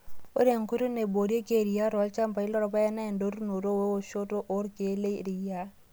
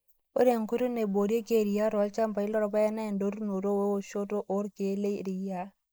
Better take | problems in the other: first | noise reduction (neural mask model Resemble Enhance denoiser)

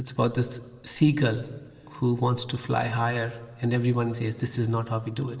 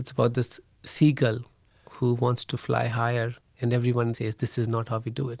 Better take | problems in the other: second | room echo; dies away in 2.7 s

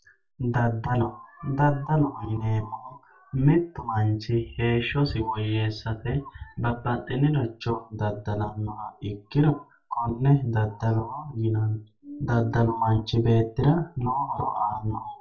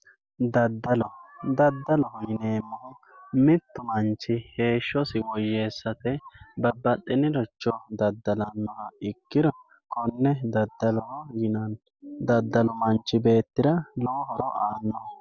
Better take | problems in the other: second | room echo; dies away in 0.2 s

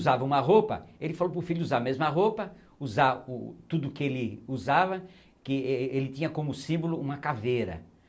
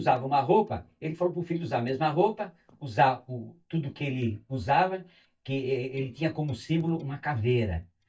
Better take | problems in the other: first | noise reduction (neural mask model DeepFilterNet 3)

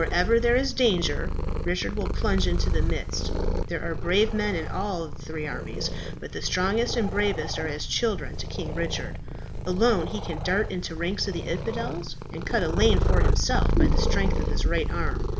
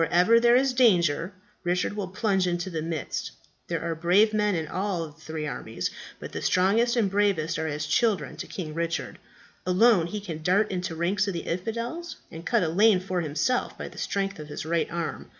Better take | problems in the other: second | background sound (Purr); 2 dB above the speech

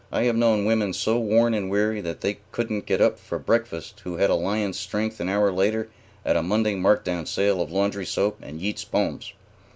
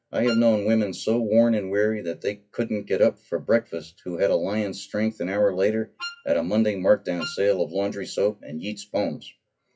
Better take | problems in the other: first | noise reduction (classical method WPE with log-MMSE)

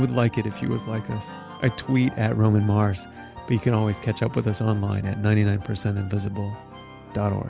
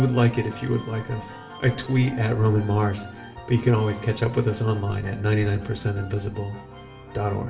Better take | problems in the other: first | room echo; dies away in 0.6 s

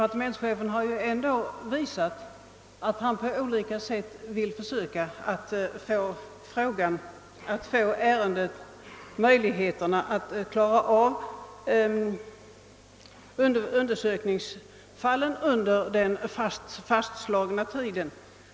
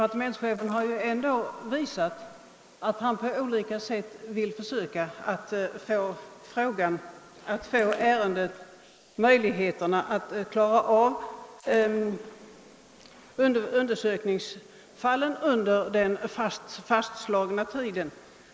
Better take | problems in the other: first | noise reduction (neural mask model Resemble Enhance denoiser)

